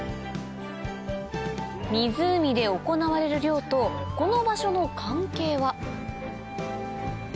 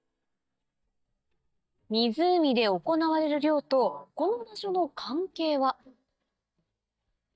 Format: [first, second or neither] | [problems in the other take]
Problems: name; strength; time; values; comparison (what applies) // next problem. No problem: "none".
first | noise reduction (neural mask model DeepFilterNet 3)